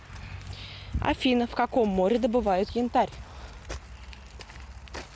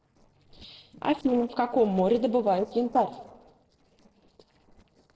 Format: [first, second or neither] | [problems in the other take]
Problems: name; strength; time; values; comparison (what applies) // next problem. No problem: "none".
first | noise reduction (neural separator model SepFormer DNS4)